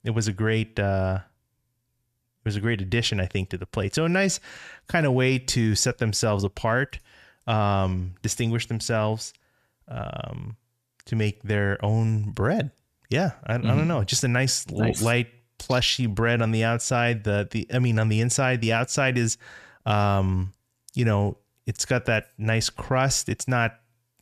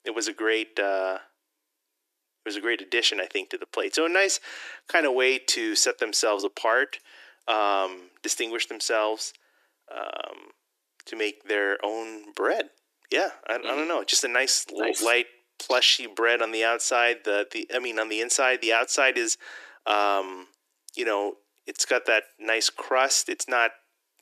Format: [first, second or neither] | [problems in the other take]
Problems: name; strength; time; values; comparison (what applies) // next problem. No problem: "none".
first | thin; very; fading below 300 Hz